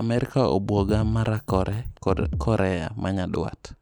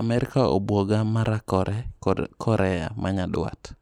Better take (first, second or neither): second